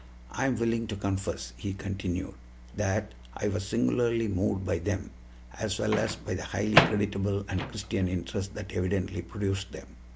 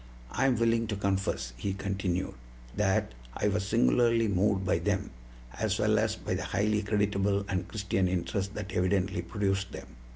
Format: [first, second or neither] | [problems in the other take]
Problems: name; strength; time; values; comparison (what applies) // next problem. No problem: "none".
second | background sound (Microwave oven); 7 dB below the speech